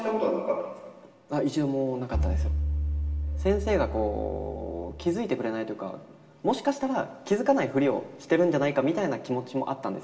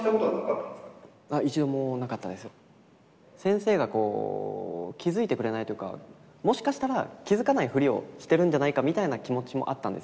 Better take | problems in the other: second | background sound (Bowed string instrument); 1 dB below the speech // room echo; dies away in 0.9 s

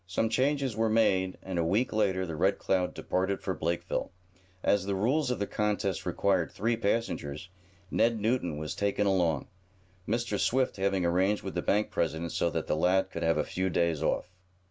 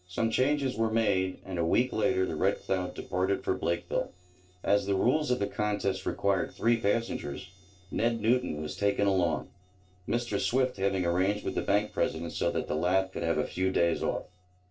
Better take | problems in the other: first | noise reduction (neural separator model SepFormer DNS4)

